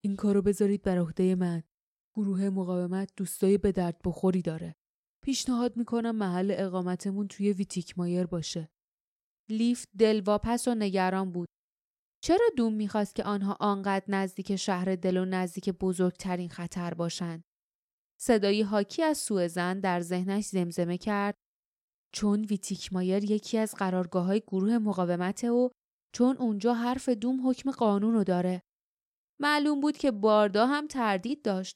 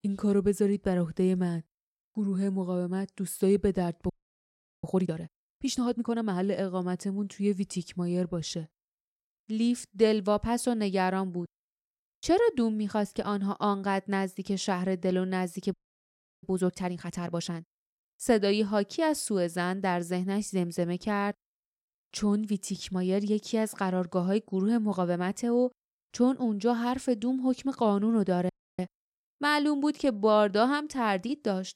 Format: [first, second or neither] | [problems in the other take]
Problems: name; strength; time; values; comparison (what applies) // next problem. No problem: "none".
first | audio freezing; at 4 s for 0.5 s, at 16 s for 0.5 s and at 28 s